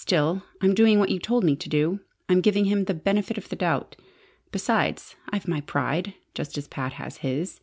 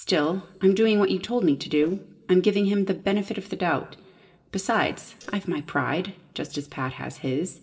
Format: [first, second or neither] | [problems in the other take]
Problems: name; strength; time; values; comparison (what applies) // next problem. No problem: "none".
first | noise reduction (neural separator model SepFormer DNS4)